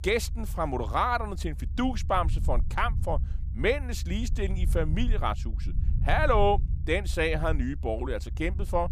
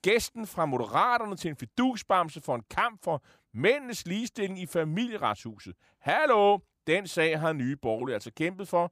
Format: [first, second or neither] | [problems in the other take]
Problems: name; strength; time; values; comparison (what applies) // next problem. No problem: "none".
second | low rumble; faint; throughout; 20 dB below the speech